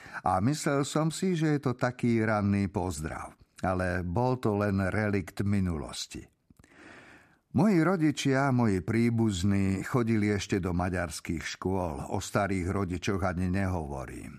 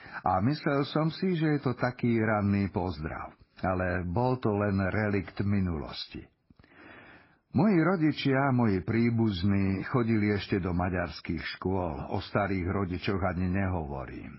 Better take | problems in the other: first | garbled, watery; badly; nothing above 5.5 kHz

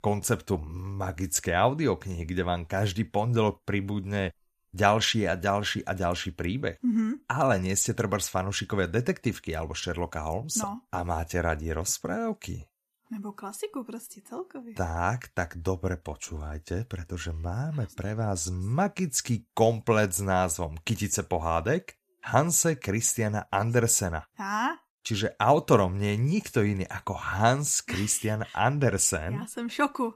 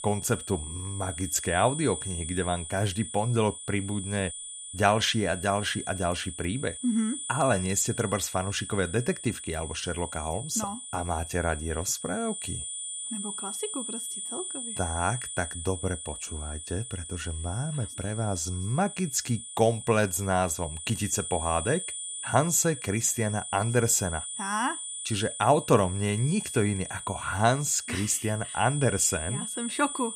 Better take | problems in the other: first | high-pitched whine; loud; throughout; 9 kHz, 7 dB below the speech

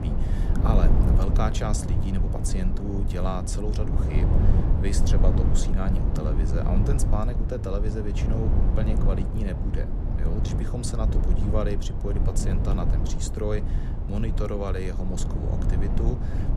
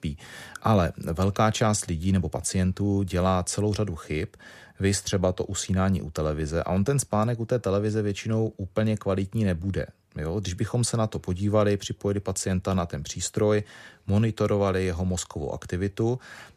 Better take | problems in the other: second | low rumble; loud; throughout; 3 dB below the speech

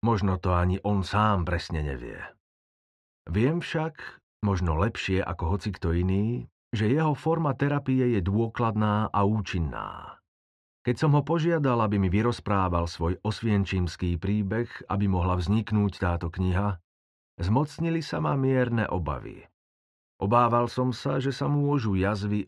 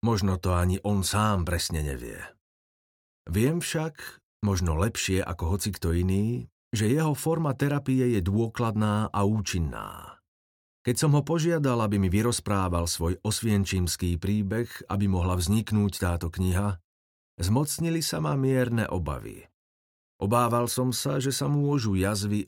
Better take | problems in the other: second | muffled; slightly; fading above 2.5 kHz

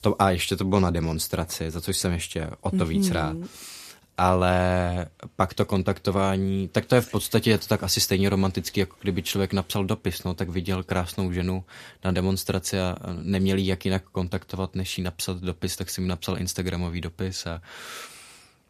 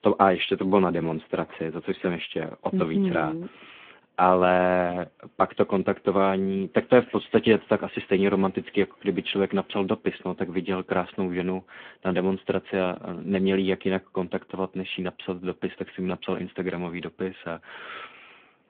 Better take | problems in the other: first | phone-call audio

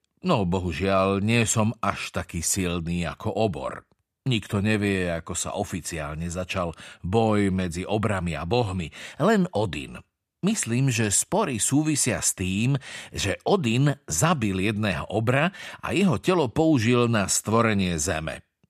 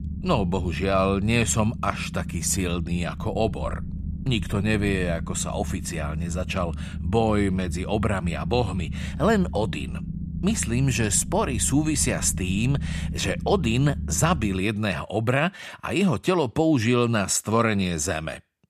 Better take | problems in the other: first | low rumble; noticeable; until 15 s; 15 dB below the speech

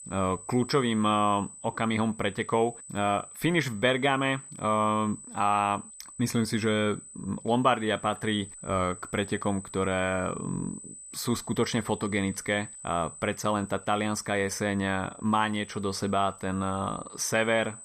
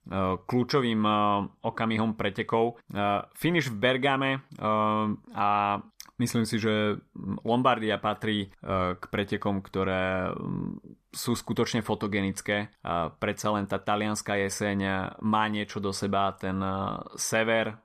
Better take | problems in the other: second | high-pitched whine; noticeable; throughout; 8 kHz, 15 dB below the speech

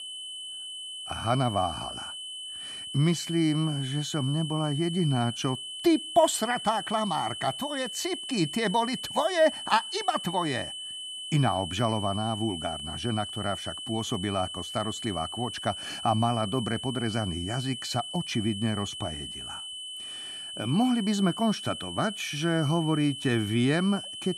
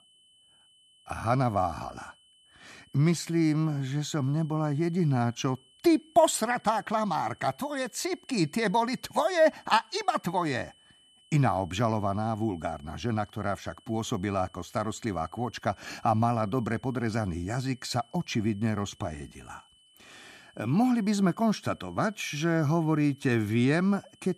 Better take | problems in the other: second | high-pitched whine; loud; throughout; 3 kHz, 7 dB below the speech; faint in the second

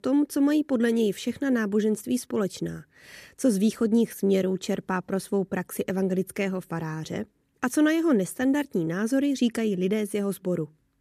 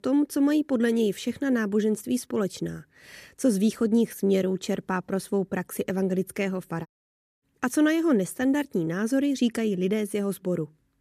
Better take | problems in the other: first | audio cutting out; at 7 s for 0.5 s

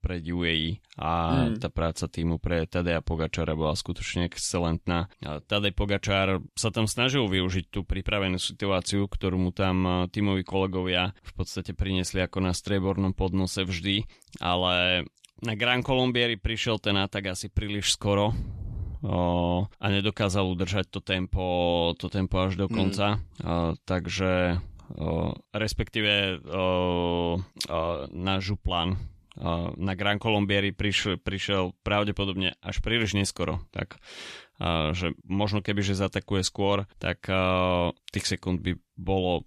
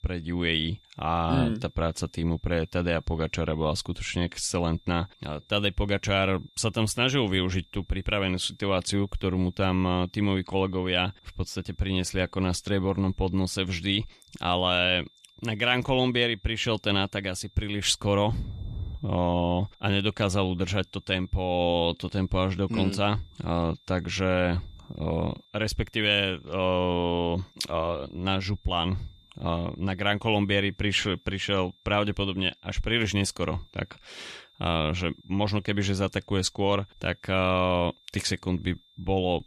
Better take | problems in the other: first | high-pitched whine; faint; throughout; 3.5 kHz, 30 dB below the speech

